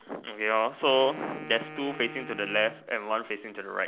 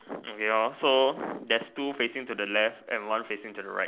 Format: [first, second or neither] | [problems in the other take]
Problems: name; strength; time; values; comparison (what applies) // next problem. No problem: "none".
second | background sound (Wind instrument, woodwind instrument); 16 dB below the speech